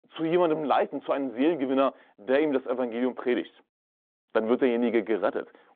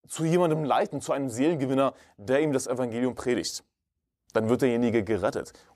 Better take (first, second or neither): second